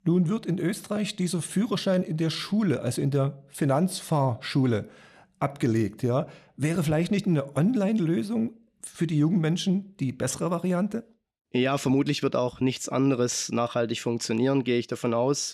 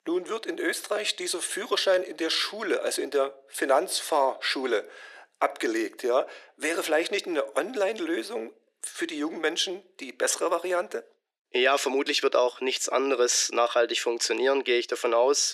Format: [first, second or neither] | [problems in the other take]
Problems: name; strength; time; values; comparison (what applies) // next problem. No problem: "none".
first | thin; very; fading below 350 Hz